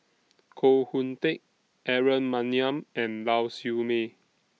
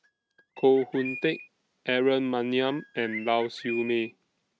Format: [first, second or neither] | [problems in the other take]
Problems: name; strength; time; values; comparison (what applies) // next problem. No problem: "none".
first | noise reduction (neural mask model RNNoise)